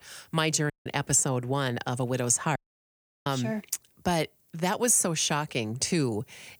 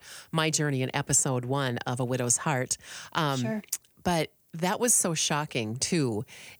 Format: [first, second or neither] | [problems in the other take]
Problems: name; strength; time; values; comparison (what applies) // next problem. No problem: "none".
second | audio cutting out; at 0.5 s and at 2.5 s for 0.5 s